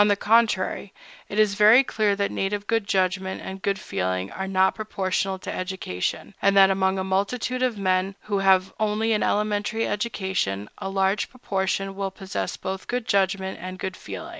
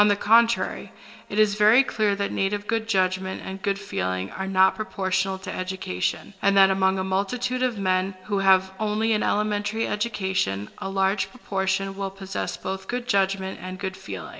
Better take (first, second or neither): first